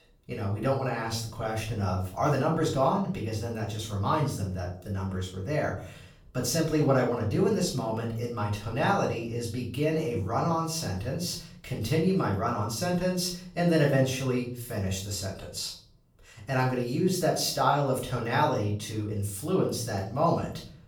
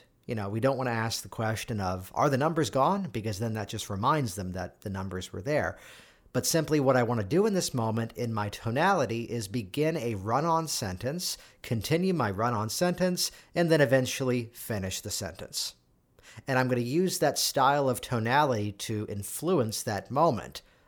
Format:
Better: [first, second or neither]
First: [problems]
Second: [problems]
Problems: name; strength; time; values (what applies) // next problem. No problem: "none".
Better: second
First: off-mic speech; far // room echo; slight; dies away in 0.5 s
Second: none